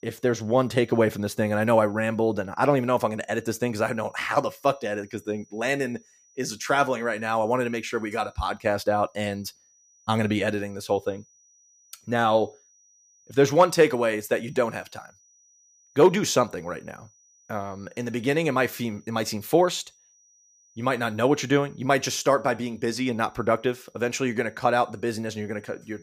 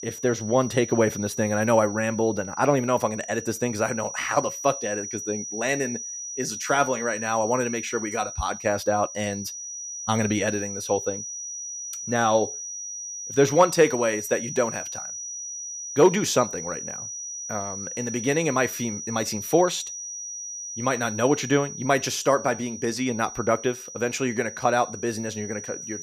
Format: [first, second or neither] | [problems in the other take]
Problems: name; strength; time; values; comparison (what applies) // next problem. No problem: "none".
first | high-pitched whine; loud; throughout; 6 kHz, 8 dB below the speech; faint in the first